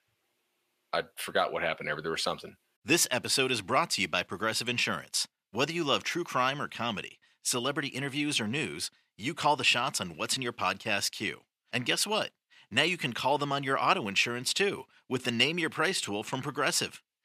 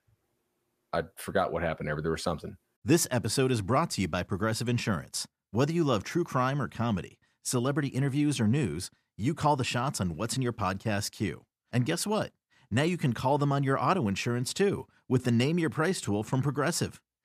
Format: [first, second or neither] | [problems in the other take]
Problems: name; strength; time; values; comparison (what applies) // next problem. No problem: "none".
second | thin; somewhat; fading below 1 kHz